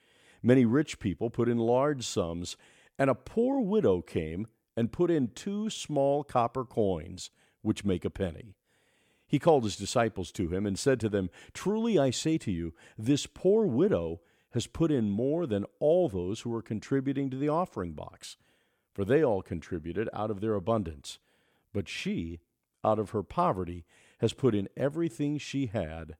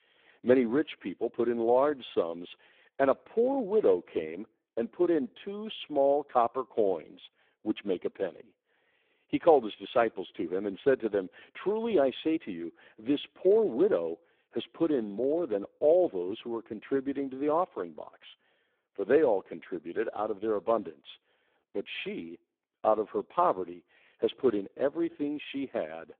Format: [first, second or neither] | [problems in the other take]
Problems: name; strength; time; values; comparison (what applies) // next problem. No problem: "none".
first | phone-call audio; poor line; nothing above 3.5 kHz